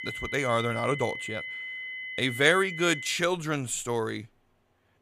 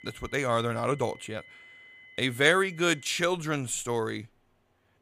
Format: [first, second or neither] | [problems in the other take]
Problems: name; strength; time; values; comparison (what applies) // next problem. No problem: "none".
second | high-pitched whine; loud; until 3 s; 2 kHz, 8 dB below the speech; faint in the second